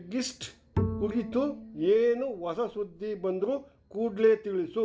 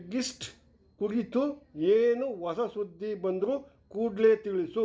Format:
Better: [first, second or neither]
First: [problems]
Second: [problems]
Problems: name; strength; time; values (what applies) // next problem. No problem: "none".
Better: second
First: background sound (Bowed string instrument); 7 dB below the speech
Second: none